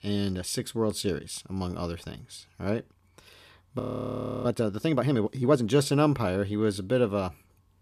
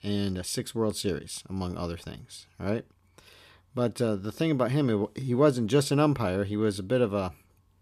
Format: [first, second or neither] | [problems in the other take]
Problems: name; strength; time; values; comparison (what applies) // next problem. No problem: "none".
second | audio freezing; at 4 s for 0.5 s